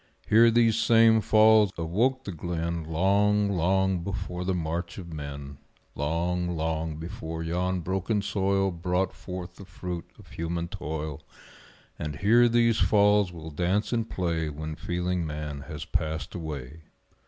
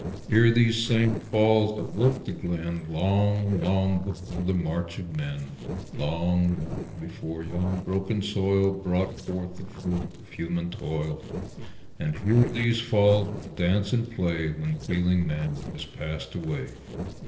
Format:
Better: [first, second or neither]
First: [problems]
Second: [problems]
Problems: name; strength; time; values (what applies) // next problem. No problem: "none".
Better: first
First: none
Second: noise reduction (neural separator model SepFormer DNS4)